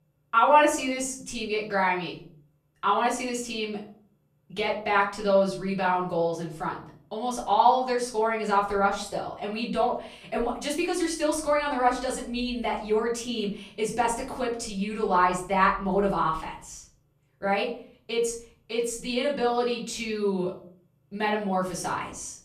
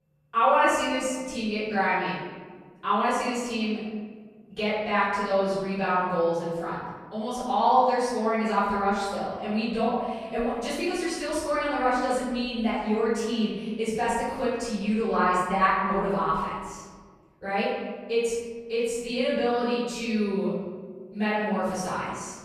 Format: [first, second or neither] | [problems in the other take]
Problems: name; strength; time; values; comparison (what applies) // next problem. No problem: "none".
first | room echo; strong; dies away in 1.4 s; slight in the first // off-mic speech; far; far in the first